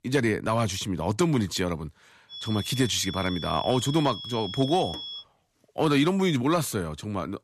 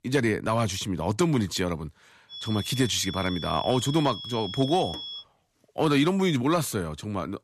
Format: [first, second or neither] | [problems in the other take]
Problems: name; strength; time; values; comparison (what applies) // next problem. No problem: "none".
neither | high-pitched whine; loud; from 2.5 to 5 s; 3.5 kHz, 9 dB below the speech; the same in both